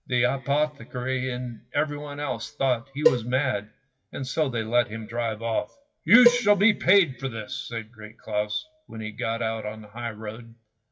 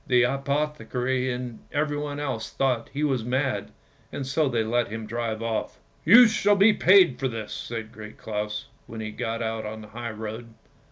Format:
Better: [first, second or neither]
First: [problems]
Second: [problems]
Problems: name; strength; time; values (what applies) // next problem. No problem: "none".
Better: second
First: noise reduction (classical method WPE with log-MMSE)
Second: none